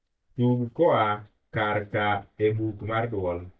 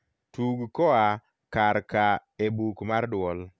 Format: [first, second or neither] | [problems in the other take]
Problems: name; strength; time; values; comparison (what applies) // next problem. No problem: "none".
second | noise reduction (neural mask model DeepFilterNet 3)